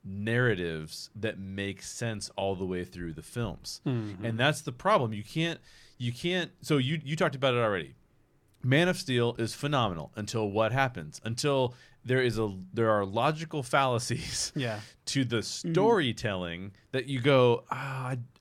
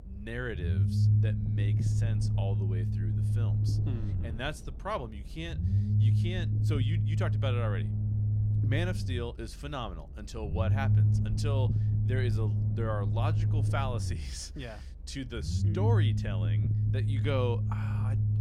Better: first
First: none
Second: low rumble; loud; throughout; 3 dB below the speech

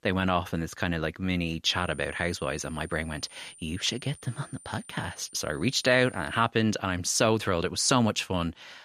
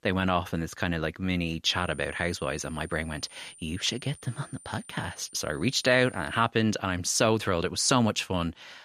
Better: neither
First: high-pitched whine; faint; from 1.5 to 6.5 s; 9 kHz, 20 dB below the speech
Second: high-pitched whine; faint; from 1.5 to 6.5 s; 9 kHz, 20 dB below the speech

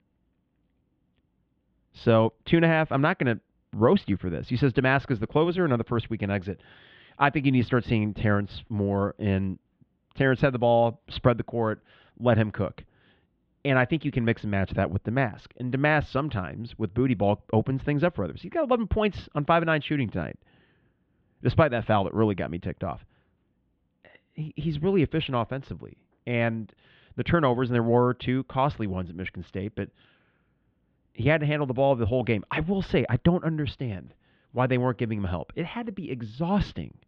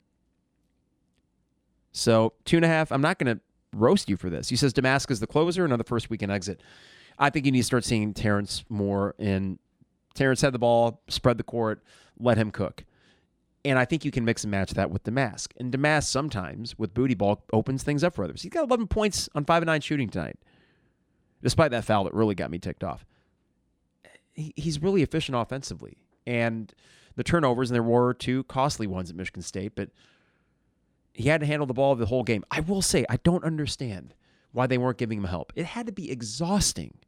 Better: second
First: muffled; very; fading above 3.5 kHz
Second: none

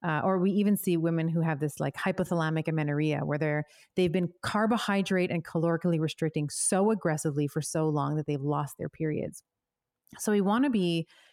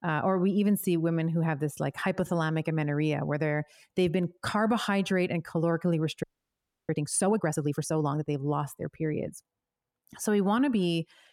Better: first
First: none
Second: audio freezing; at 6 s for 0.5 s

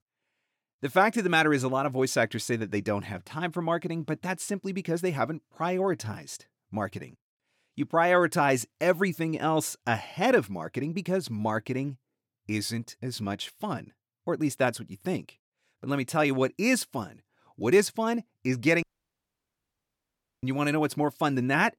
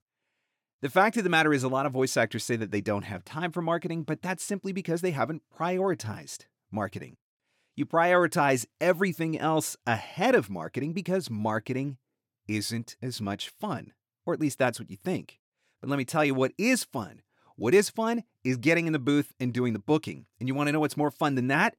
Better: second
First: audio cutting out; at 19 s for 1.5 s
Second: none

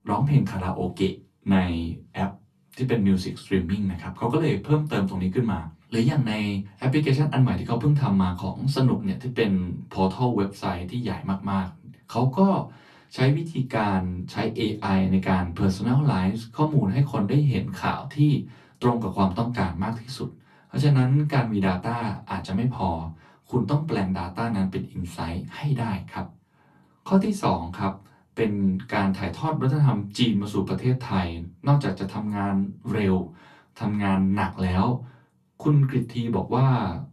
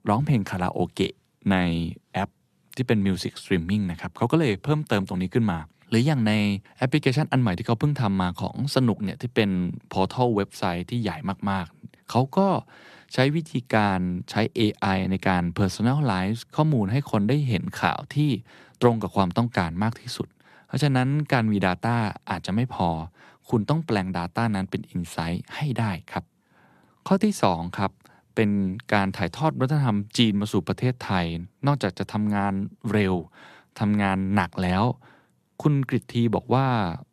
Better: second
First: off-mic speech; far // room echo; very slight; dies away in 0.2 s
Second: none

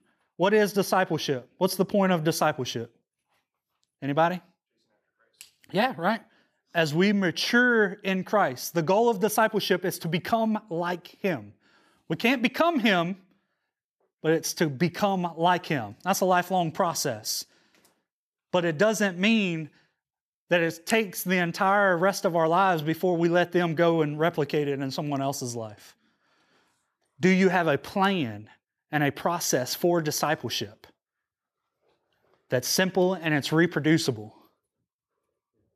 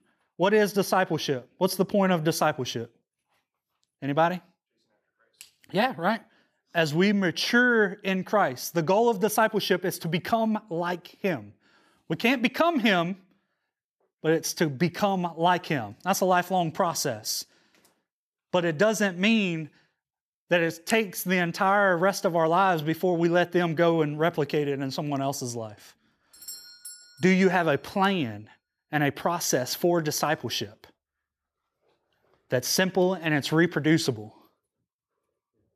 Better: first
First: none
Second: doorbell; faint; at 26 s; peak 15 dB below the speech

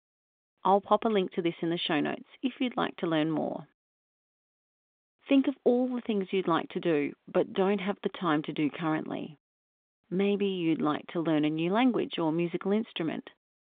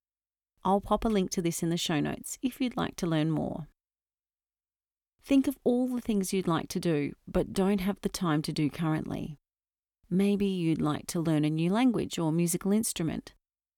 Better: second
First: phone-call audio; nothing above 3.5 kHz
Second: none

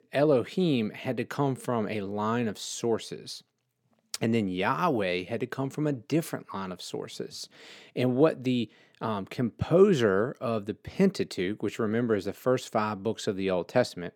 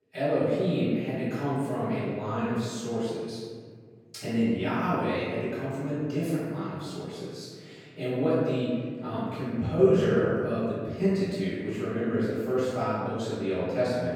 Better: first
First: none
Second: off-mic speech; far // room echo; strong; dies away in 2 s

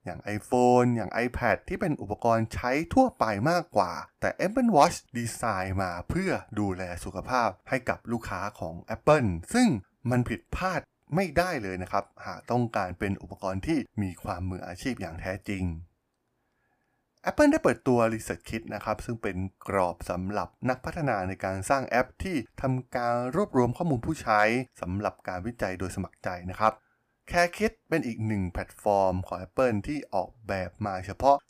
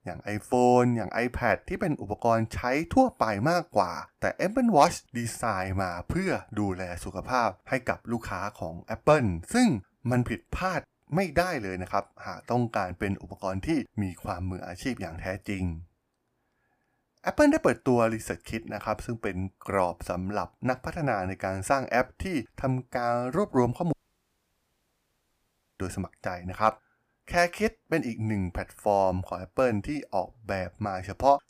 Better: first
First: none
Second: audio cutting out; at 24 s for 2 s

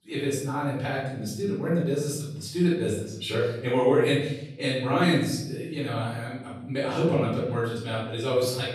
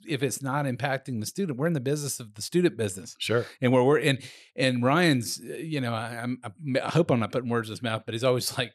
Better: second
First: room echo; noticeable; dies away in 0.8 s // off-mic speech; far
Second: none

